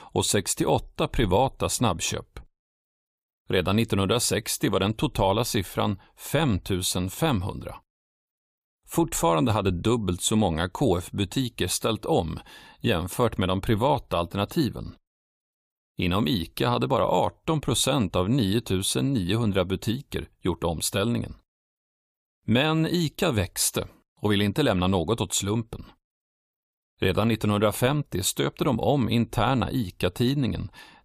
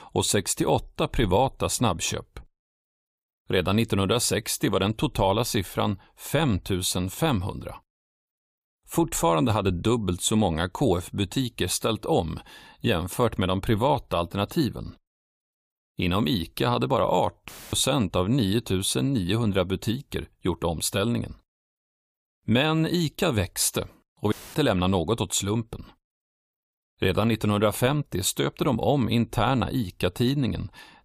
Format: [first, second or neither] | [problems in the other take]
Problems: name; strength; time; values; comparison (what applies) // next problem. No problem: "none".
first | audio cutting out; filled with static; at 17 s and at 24 s